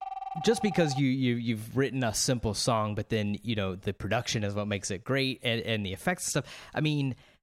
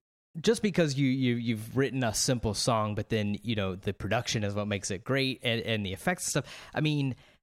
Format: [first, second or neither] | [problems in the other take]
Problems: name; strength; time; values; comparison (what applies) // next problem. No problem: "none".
second | phone ringing; noticeable; at the start; peak 8 dB below the speech